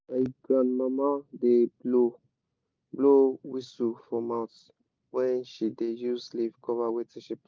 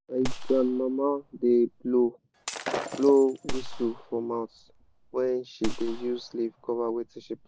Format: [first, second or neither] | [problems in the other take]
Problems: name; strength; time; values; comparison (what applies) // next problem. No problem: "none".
first | background sound (Shatter + Gunshot, gunfire); 8 dB below the speech